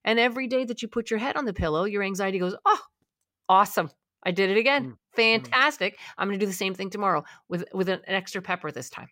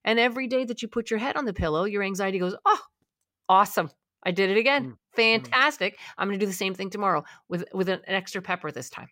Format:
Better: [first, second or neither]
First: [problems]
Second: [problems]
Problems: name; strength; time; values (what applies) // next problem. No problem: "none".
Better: neither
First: none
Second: none